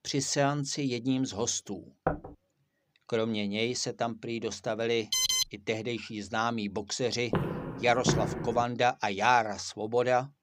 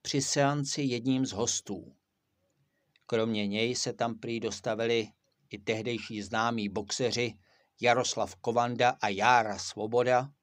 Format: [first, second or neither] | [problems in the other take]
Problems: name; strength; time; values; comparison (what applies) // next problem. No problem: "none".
second | door banging; noticeable; at 2 s; peak 4 dB below the speech // alarm; loud; at 5 s; peak 5 dB above the speech // footsteps; loud; from 7.5 to 8.5 s; peak level with the speech